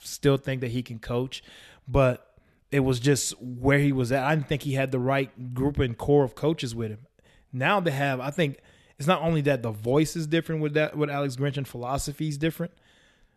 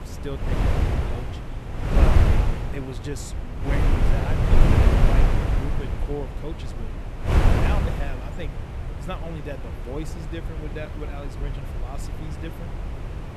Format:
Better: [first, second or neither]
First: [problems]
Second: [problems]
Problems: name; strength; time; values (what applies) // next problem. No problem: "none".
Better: first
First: none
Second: wind noise on the microphone; heavy; 5 dB above the speech